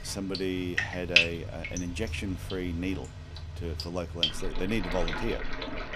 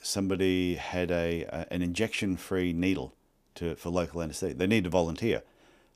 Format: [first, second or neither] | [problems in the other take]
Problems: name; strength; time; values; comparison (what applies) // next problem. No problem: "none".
second | rain or running water; very loud; throughout; 3 dB above the speech